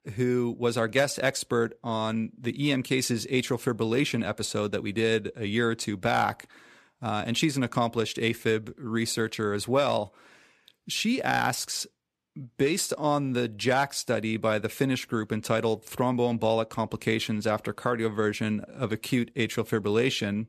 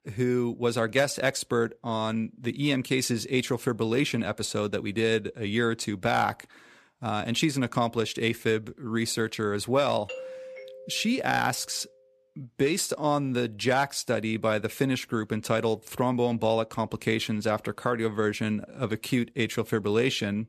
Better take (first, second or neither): first